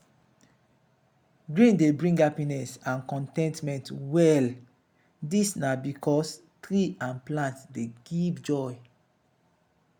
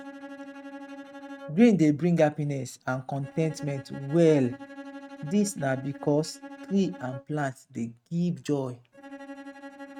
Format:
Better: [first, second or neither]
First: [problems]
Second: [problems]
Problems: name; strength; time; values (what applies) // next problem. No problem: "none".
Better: first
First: none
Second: noise reduction (neural mask model RNNoise)